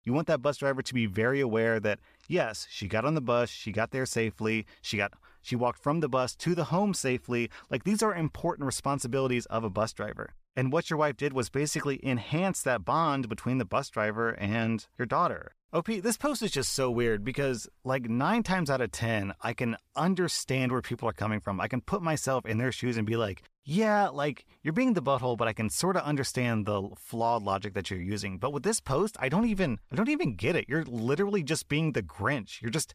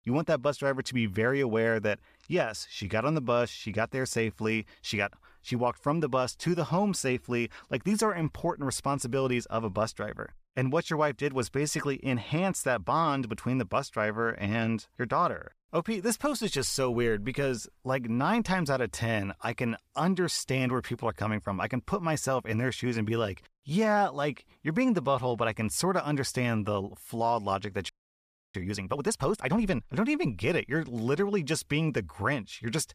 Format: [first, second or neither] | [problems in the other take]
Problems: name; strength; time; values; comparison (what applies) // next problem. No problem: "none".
first | audio freezing; at 28 s for 0.5 s